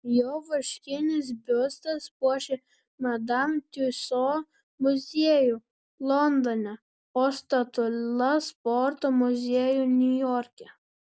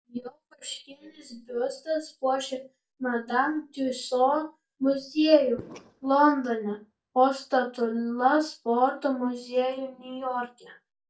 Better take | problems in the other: first | noise reduction (neural mask model DeepFilterNet 3)

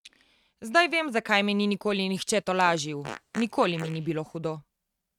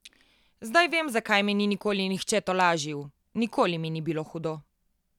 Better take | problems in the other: second | noise reduction (neural mask model RNNoise)

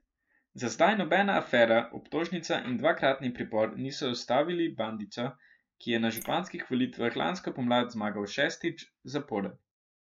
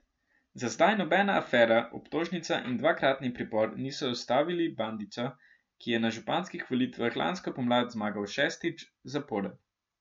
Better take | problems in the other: second | noise reduction (neural mask model Resemble Enhance denoiser)

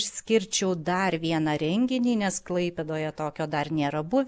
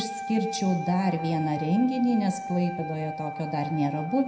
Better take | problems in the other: first | background sound (Wind instrument, woodwind instrument); 8 dB below the speech // room echo; dies away in 0.7 s

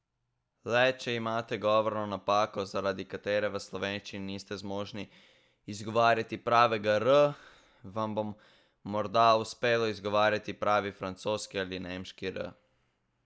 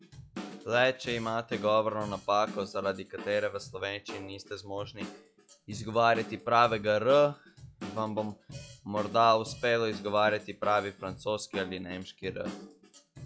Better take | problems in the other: first | noise reduction (classical method log-MMSE)

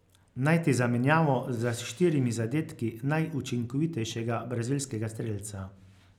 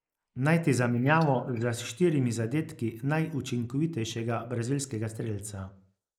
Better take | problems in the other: first | noise reduction (neural mask model Resemble Enhance denoiser)

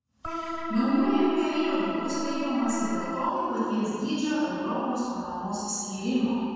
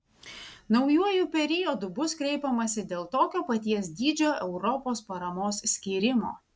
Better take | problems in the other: second | background sound (Organ); 6 dB below the speech // room echo; dies away in 2.1 s

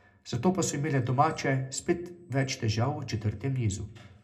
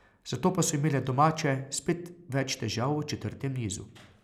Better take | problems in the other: second | room echo; dies away in 0.2 s

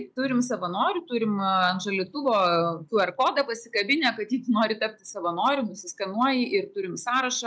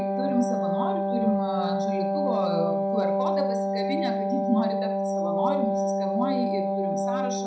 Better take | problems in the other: first | background sound (Wind instrument, woodwind instrument); 4 dB above the speech // room echo; dies away in 0.4 s

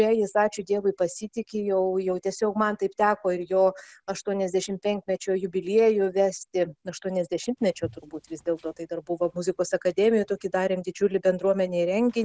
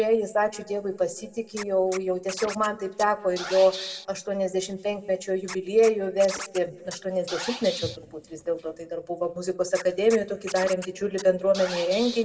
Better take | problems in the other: first | background sound (Scratching (performance technique)); 13 dB below the speech // room echo; dies away in 1.7 s

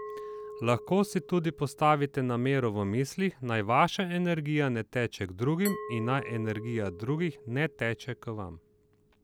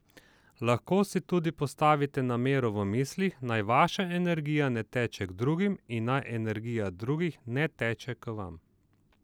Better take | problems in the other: second | background sound (Glass); 16 dB below the speech

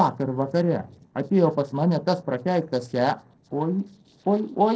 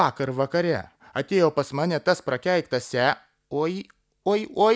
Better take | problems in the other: second | noise reduction (neural separator model SepFormer DNS4)

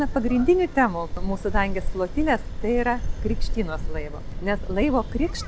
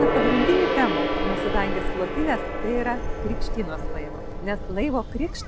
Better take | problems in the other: first | background sound (Gong); 2 dB below the speech

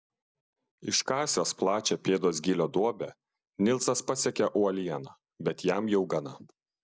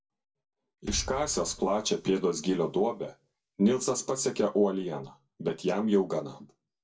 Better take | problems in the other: first | background sound (Liquid); 17 dB below the speech // room echo; dies away in 0.2 s

